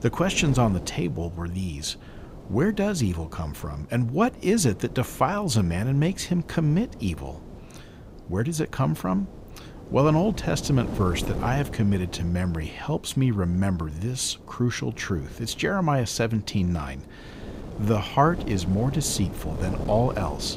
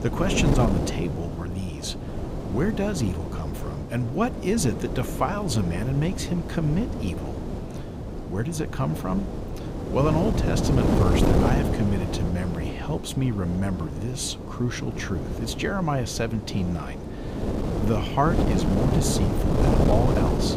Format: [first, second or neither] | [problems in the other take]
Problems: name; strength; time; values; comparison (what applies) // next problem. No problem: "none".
first | wind noise on the microphone; heavy; 2 dB below the speech; occasional gusts in the first